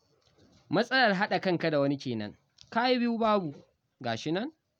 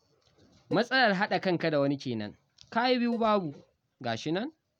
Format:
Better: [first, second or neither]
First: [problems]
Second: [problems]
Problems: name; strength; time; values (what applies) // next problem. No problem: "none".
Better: first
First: none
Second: background sound (Cowbell); 17 dB below the speech